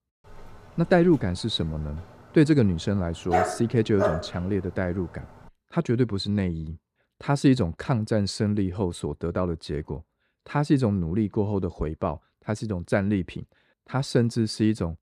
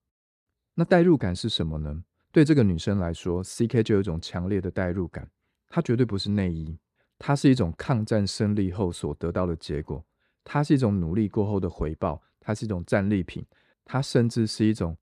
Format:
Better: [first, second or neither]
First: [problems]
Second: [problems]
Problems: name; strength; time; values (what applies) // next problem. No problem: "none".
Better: second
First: dog barking; loud; at 3.5 s; peak level with the speech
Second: none